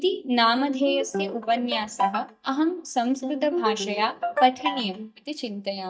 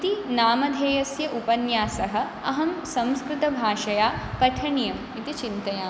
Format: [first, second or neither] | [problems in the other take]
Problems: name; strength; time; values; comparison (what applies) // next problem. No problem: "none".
second | noise reduction (neural mask model DeepFilterNet 3)